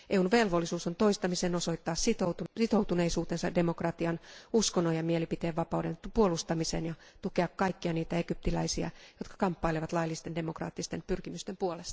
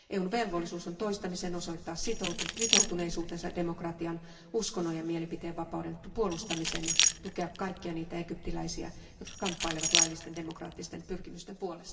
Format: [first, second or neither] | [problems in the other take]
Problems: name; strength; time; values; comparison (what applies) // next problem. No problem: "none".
first | background sound (Keys jangling); 1 dB above the speech // room echo; dies away in 2.3 s